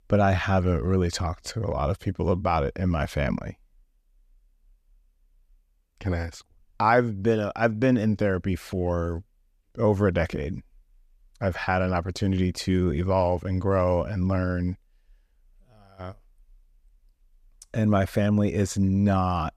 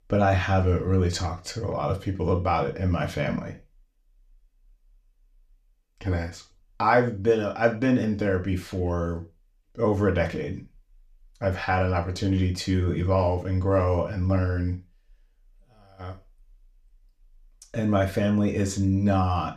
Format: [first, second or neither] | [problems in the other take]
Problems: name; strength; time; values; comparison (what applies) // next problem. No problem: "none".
first | room echo; very slight; dies away in 0.3 s